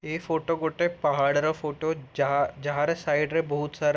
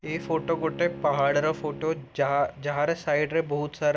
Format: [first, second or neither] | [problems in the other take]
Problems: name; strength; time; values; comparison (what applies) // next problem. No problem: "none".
first | background sound (Bowed string instrument); 15 dB below the speech